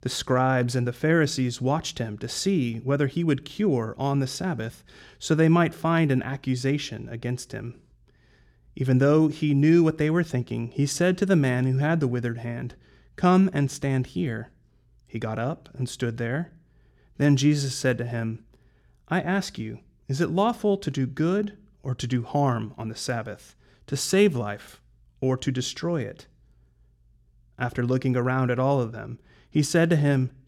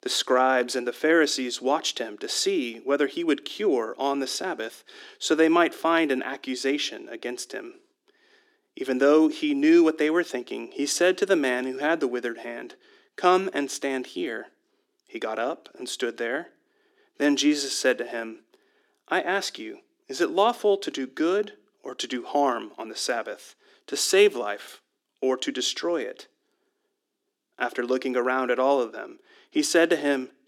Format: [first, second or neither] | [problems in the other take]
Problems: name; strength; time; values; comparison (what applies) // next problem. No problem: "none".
first | thin; somewhat; fading below 300 Hz